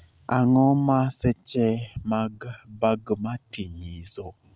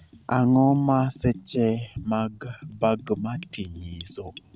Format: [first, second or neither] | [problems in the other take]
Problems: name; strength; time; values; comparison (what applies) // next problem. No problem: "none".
first | background sound (Bathtub (filling or washing) / Gurgling); 19 dB below the speech